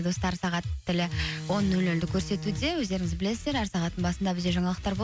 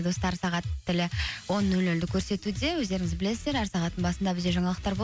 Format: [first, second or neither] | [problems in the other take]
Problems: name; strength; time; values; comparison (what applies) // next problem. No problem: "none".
second | background sound (Bowed string instrument); 11 dB below the speech